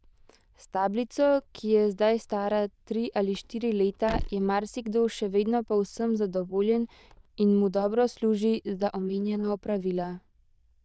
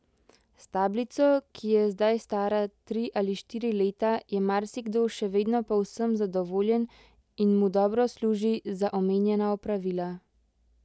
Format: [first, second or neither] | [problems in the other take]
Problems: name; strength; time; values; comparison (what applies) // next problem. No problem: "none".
second | noise reduction (neural diffusion model UNIVERSE++)